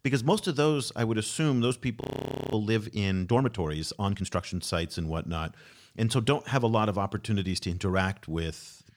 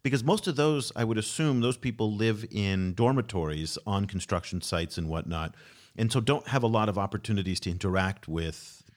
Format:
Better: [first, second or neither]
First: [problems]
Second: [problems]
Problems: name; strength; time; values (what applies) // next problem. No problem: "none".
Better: second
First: audio freezing; at 2 s for 0.5 s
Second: none